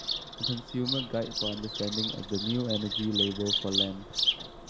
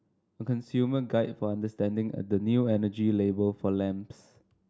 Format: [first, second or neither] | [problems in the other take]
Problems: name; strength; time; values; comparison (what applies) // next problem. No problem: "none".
second | background sound (Bird vocalization, bird call, bird song); as loud as the speech